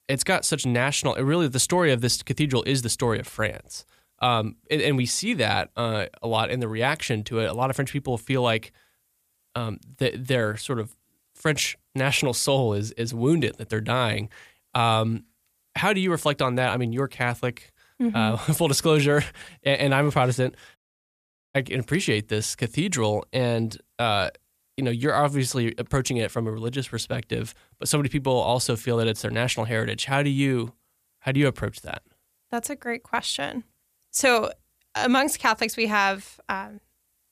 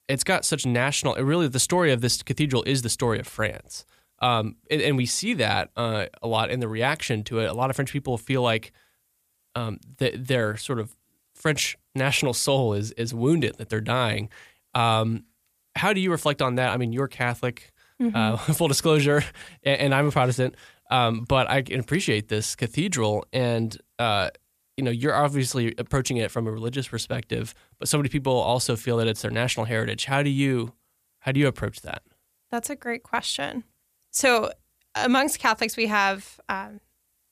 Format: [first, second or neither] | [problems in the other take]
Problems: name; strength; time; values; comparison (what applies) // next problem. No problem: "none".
second | audio cutting out; at 21 s for 1 s